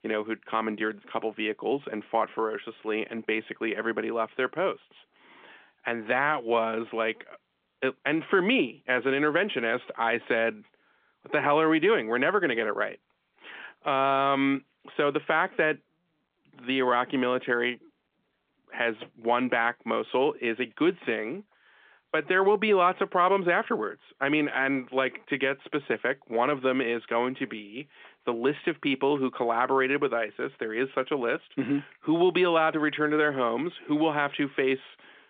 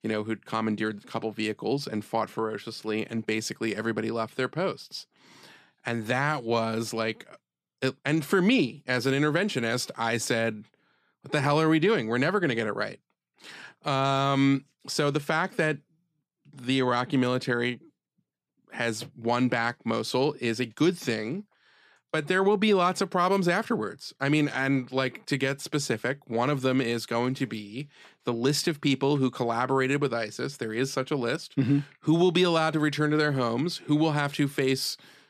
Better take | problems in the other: second | phone-call audio

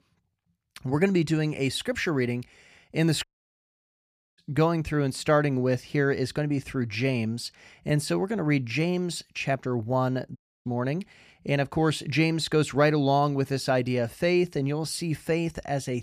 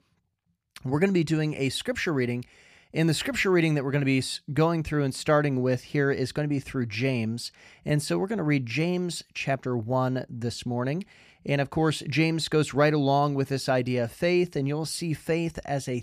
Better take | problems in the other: second | audio cutting out; at 3 s for 1 s and at 10 s

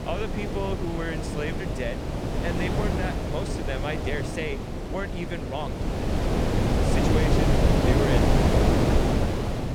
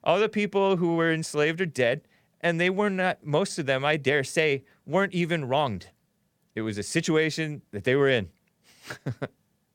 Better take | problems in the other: second | wind noise on the microphone; heavy; 4 dB above the speech

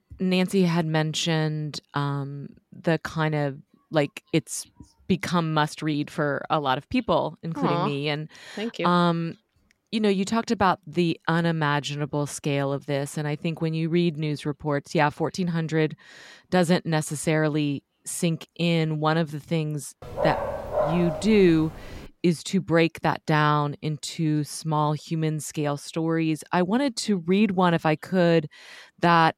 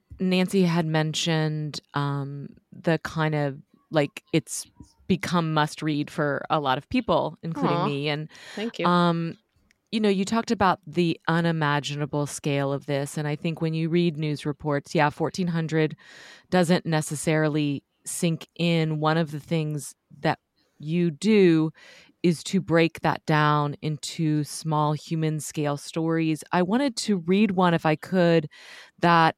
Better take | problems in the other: second | dog barking; noticeable; from 20 to 22 s; peak 2 dB below the speech

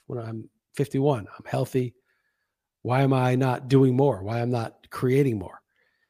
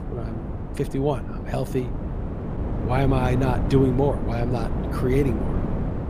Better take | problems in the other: first | wind noise on the microphone; heavy; 8 dB below the speech

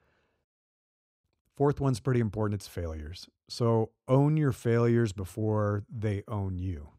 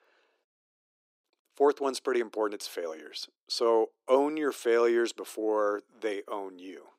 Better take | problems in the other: first | thin; very; fading below 300 Hz

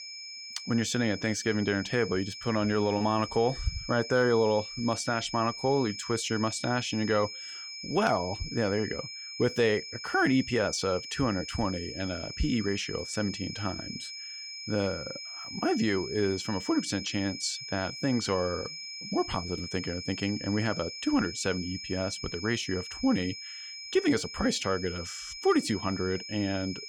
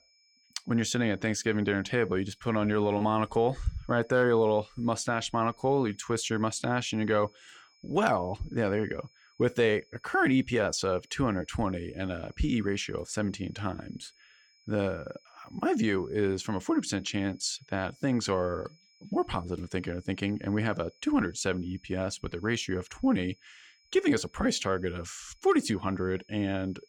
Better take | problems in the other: second | high-pitched whine; loud; throughout; 5 kHz, 9 dB below the speech; faint in the second

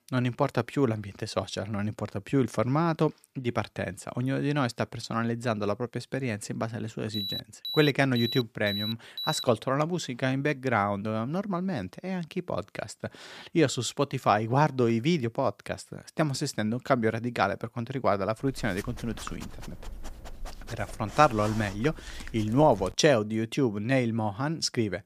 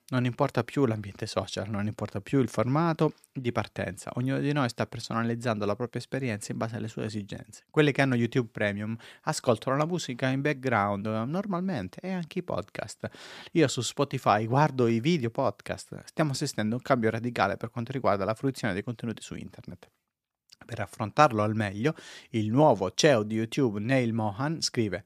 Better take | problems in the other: second | alarm; noticeable; from 7 to 9.5 s; peak 4 dB below the speech // dog barking; faint; from 18 to 23 s; peak 10 dB below the speech

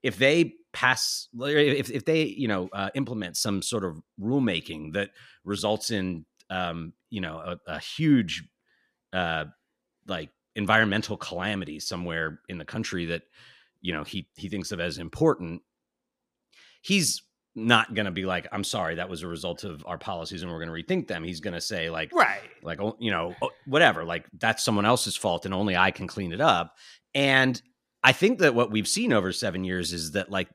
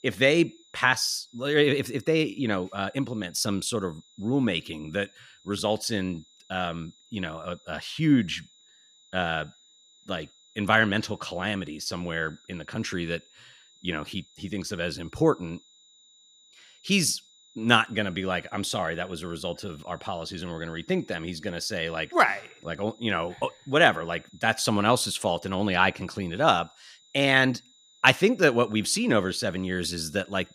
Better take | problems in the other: first | high-pitched whine; faint; throughout; 4 kHz, 30 dB below the speech

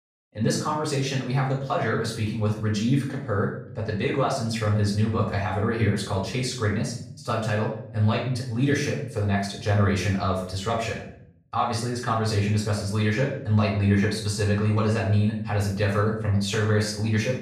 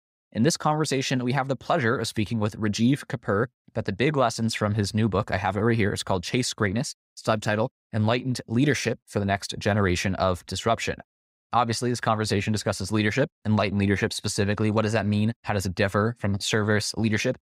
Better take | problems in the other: second | room echo; noticeable; dies away in 0.5 s // off-mic speech; far

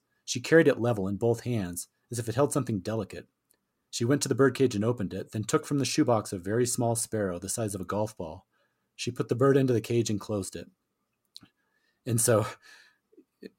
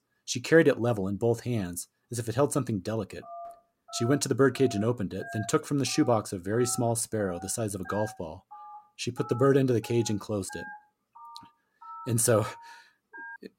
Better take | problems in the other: first | phone ringing; faint; from 3 s on; peak 15 dB below the speech

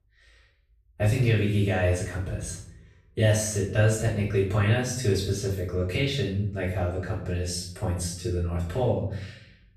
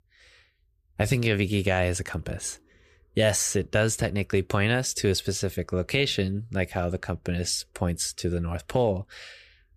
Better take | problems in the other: second | room echo; noticeable; dies away in 0.6 s // off-mic speech; far

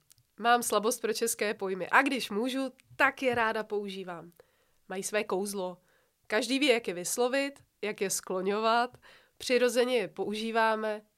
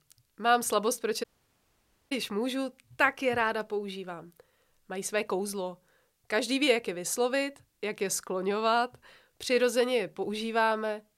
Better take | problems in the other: first | audio cutting out; at 1 s for 1 s

